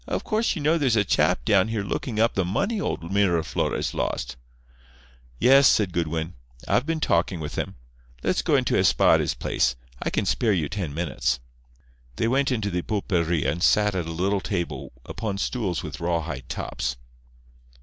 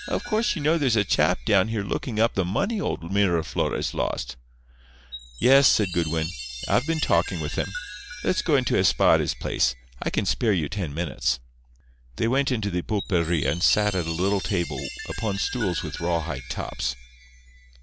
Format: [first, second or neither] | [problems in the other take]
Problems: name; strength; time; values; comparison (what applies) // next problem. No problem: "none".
first | background sound (Chime); 15 dB below the speech